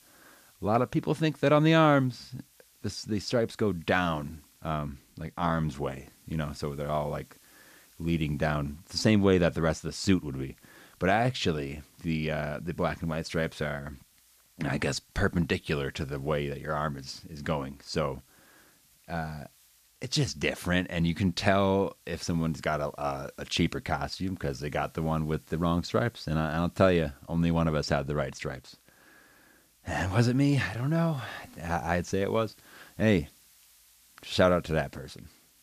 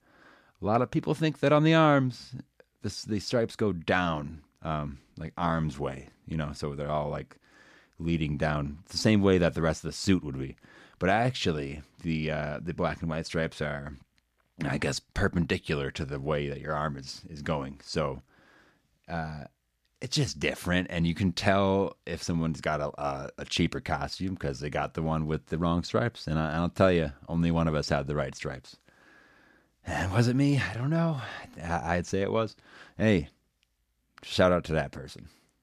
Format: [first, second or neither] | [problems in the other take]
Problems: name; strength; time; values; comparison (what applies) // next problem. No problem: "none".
second | hiss; faint; throughout; 30 dB below the speech